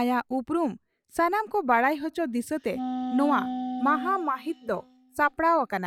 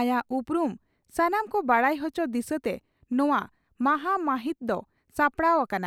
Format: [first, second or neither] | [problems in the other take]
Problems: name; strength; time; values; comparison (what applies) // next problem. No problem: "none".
second | noise reduction (classical method log-MMSE)